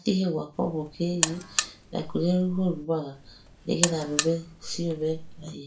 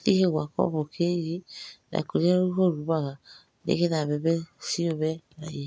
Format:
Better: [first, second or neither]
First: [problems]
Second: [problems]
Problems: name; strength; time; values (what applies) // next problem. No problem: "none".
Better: second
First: background sound (Alarm); 5 dB below the speech // room echo; dies away in 0.3 s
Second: none